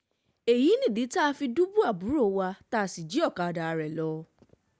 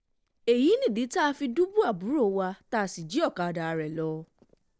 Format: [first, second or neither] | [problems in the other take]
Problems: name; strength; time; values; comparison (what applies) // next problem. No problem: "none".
first | noise reduction (neural separator model SepFormer DNS4)